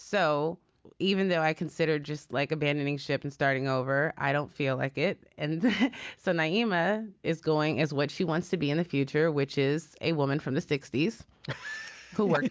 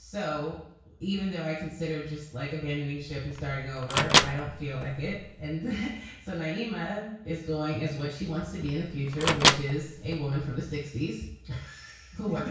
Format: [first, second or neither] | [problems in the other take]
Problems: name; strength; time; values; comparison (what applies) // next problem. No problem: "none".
first | background sound (Microwave oven); 3 dB above the speech // room echo; dies away in 0.6 s